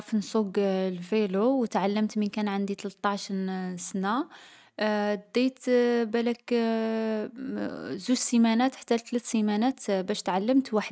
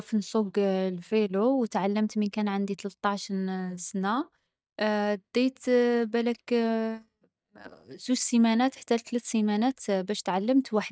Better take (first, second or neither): first